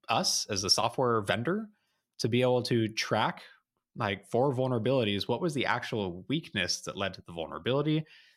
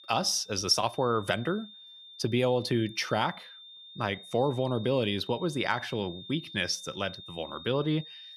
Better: first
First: none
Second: high-pitched whine; noticeable; throughout; 3.5 kHz, 15 dB below the speech

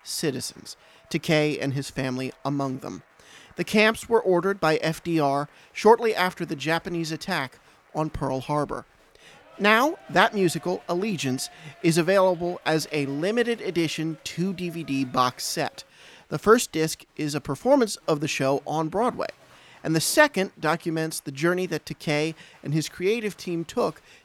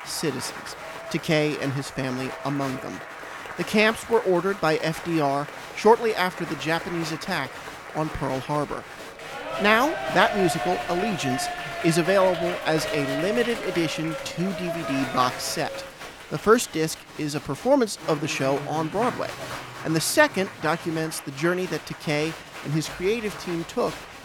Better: first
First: crowd noise; faint; throughout; 30 dB below the speech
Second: crowd noise; loud; throughout; 9 dB below the speech

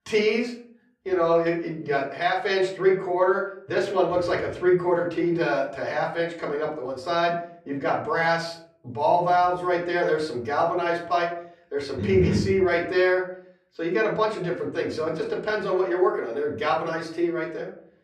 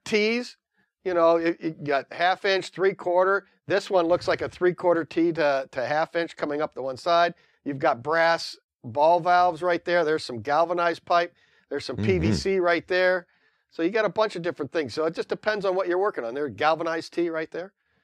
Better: second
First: room echo; slight; dies away in 0.5 s // off-mic speech; far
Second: none

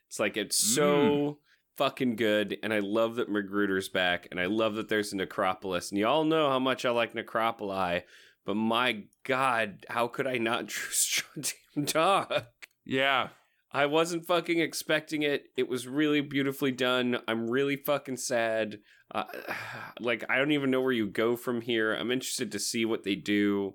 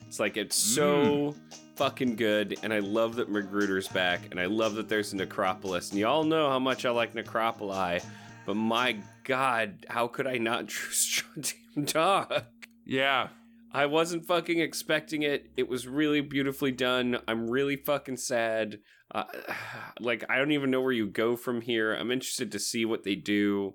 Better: first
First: none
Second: background music; faint; until 18 s; 20 dB below the speech

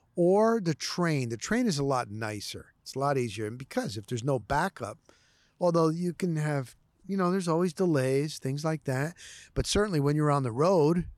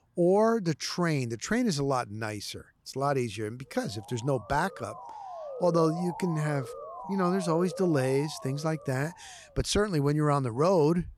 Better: first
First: none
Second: siren; noticeable; from 4 to 9.5 s; peak 9 dB below the speech

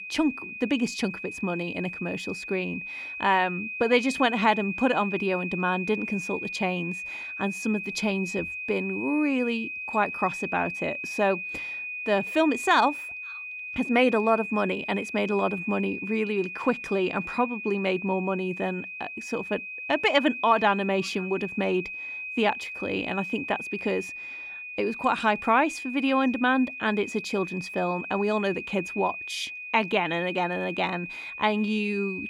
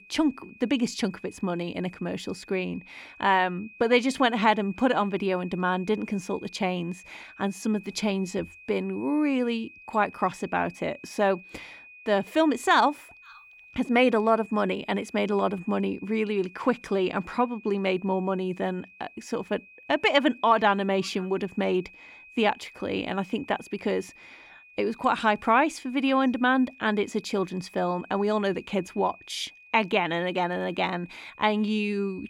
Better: second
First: high-pitched whine; loud; throughout; 2.5 kHz, 7 dB below the speech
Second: high-pitched whine; faint; throughout; 2.5 kHz, 20 dB below the speech

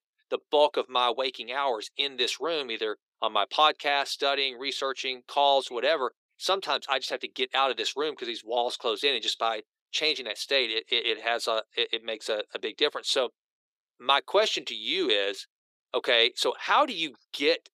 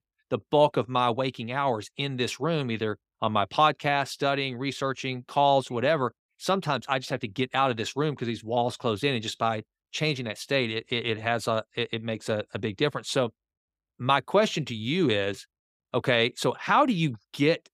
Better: second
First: thin; somewhat; fading below 400 Hz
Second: none

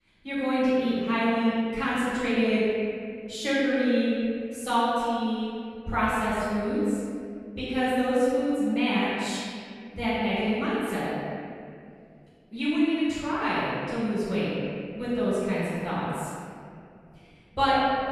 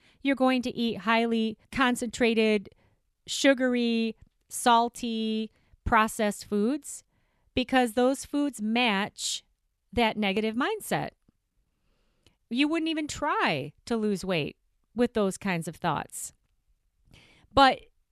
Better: second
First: off-mic speech; far // room echo; strong; dies away in 2.2 s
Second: none

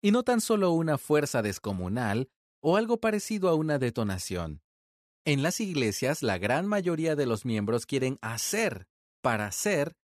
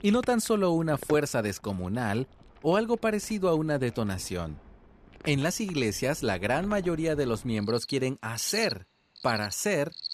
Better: first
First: none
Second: animal sounds; noticeable; throughout; 15 dB below the speech

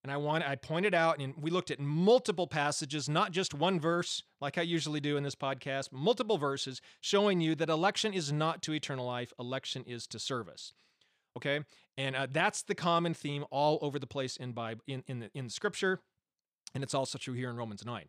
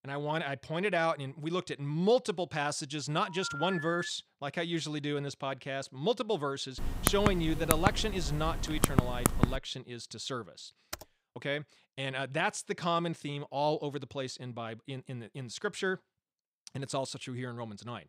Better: first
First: none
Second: phone ringing; noticeable; at 3 s; peak 4 dB below the speech // keyboard typing; loud; from 7 to 9.5 s; peak 5 dB above the speech // keyboard typing; faint; at 11 s; peak 10 dB below the speech

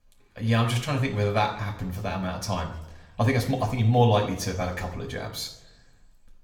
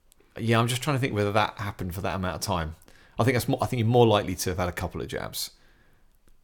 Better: second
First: room echo; slight; dies away in 0.7 s // off-mic speech; somewhat distant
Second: none

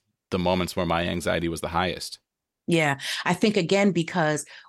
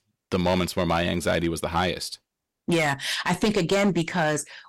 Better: first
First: none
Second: distortion; slight; 5% of the sound clipped

